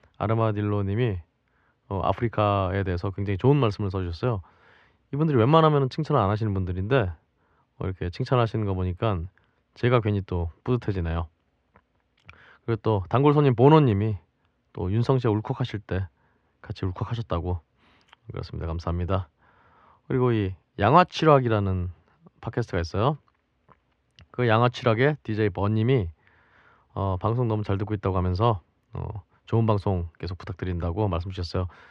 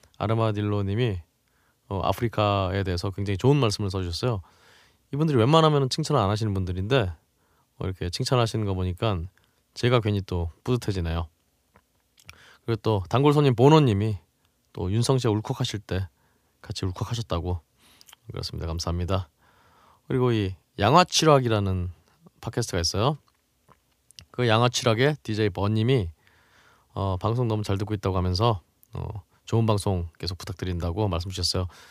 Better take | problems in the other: second | muffled; very; fading above 2 kHz

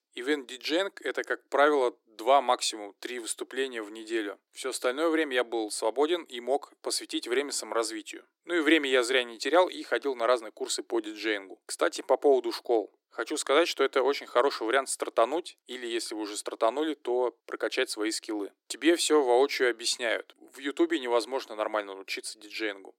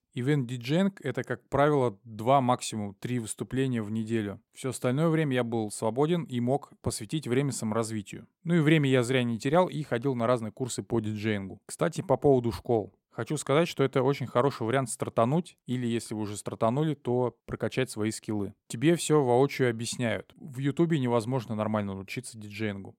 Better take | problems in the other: second | thin; very; fading below 300 Hz

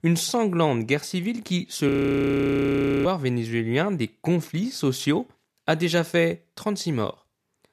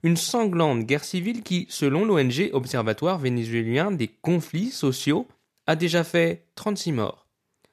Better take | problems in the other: second | audio freezing; at 2 s for 1 s

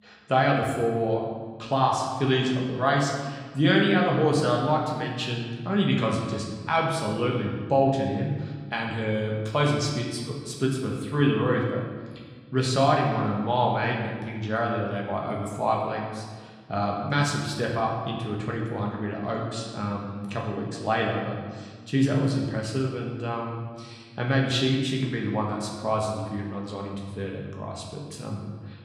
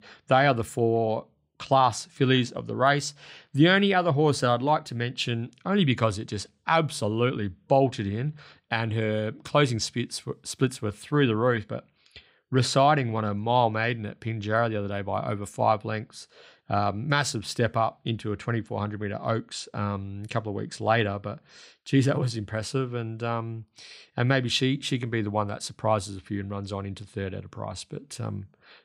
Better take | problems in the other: second | room echo; noticeable; dies away in 1.3 s // off-mic speech; somewhat distant

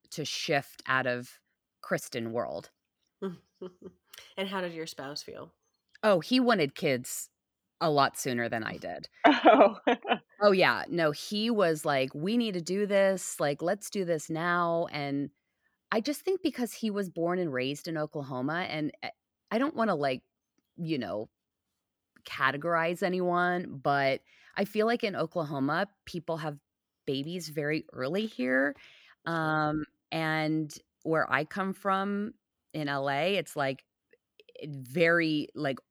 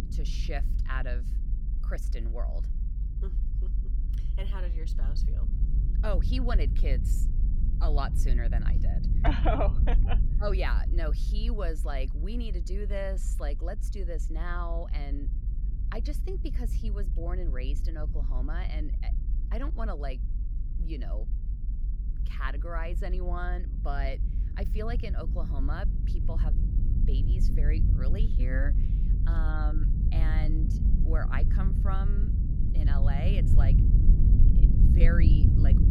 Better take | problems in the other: first | low rumble; loud; throughout; 7 dB below the speech

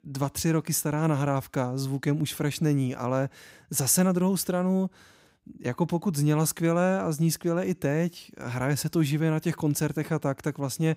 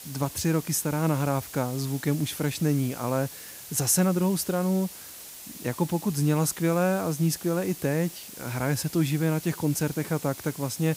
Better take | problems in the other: first | hiss; noticeable; throughout; 15 dB below the speech

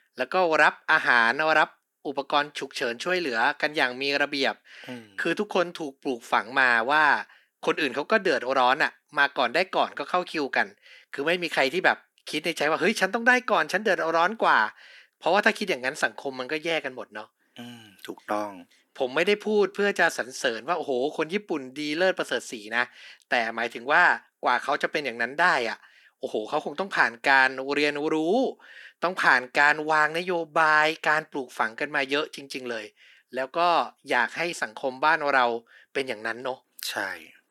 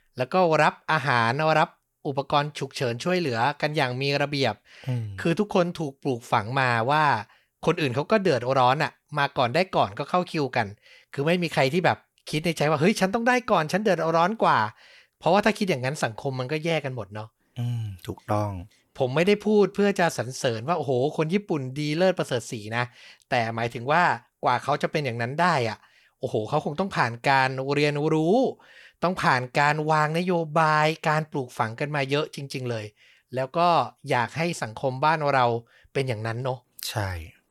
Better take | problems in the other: second | thin; somewhat; fading below 250 Hz

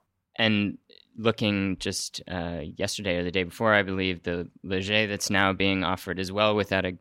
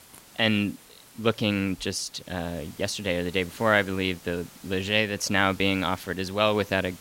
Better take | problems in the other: first | hiss; faint; throughout; 20 dB below the speech

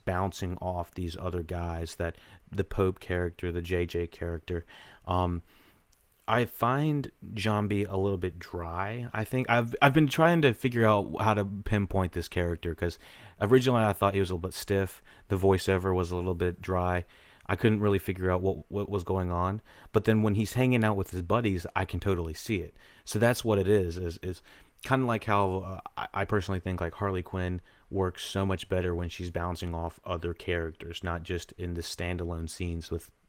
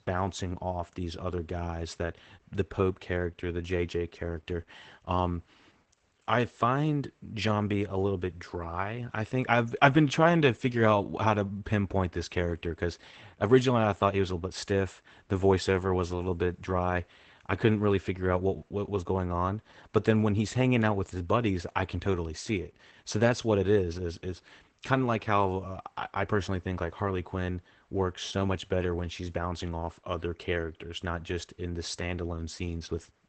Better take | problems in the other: first | garbled, watery; badly; nothing above 8 kHz; slightly in the first

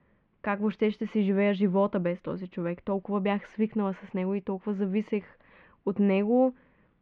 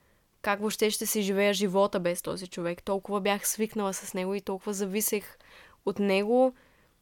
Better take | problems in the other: second | muffled; very; fading above 2.5 kHz

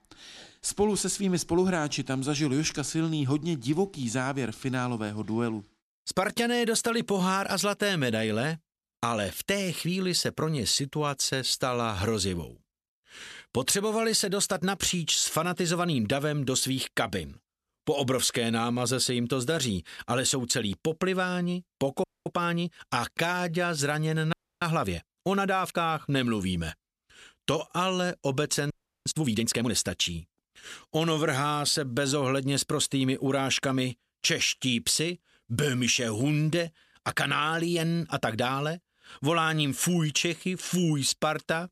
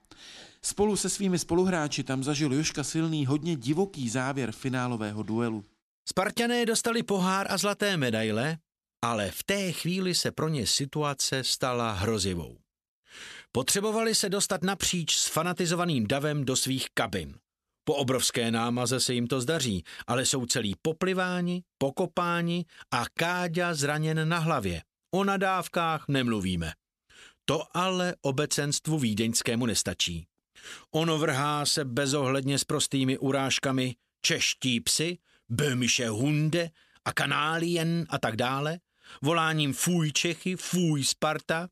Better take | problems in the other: second | audio freezing; at 22 s, at 24 s and at 29 s

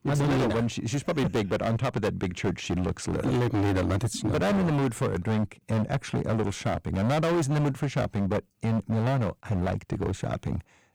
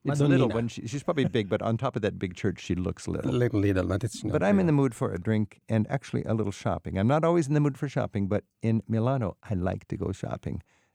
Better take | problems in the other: second | distortion; heavy; 22% of the sound clipped

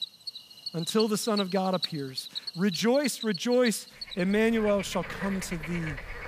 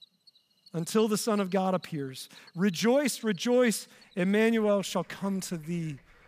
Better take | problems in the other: second | animal sounds; loud; throughout; 9 dB below the speech; faint in the second

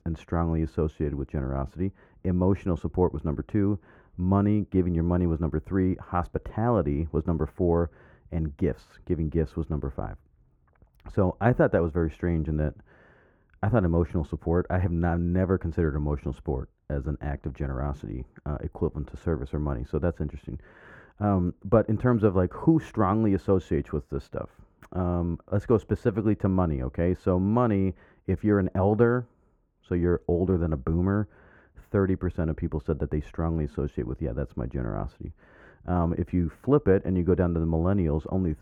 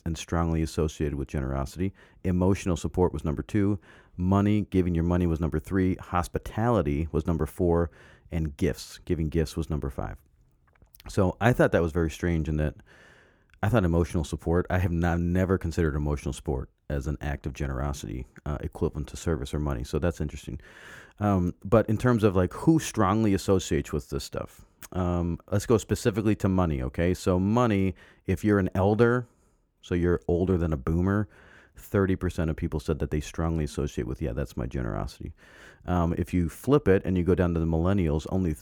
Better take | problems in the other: second | muffled; very; fading above 2.5 kHz

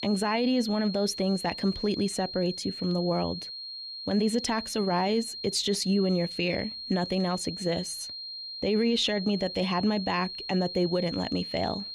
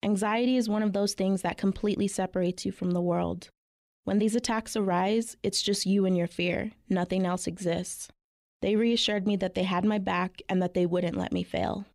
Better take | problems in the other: second | high-pitched whine; loud; throughout; 4 kHz, 8 dB below the speech

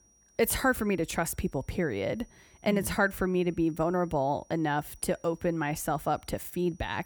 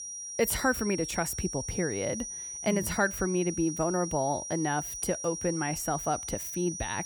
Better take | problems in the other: first | high-pitched whine; loud; throughout; 5.5 kHz, 5 dB below the speech; faint in the first

